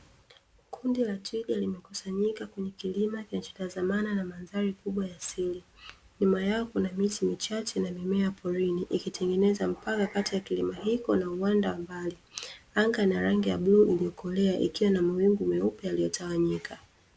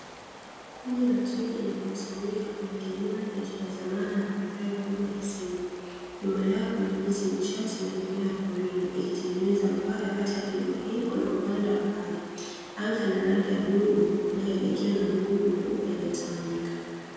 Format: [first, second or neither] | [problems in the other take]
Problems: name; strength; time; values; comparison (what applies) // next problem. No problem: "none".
first | background sound (Stream); 17 dB below the speech // room echo; dies away in 2 s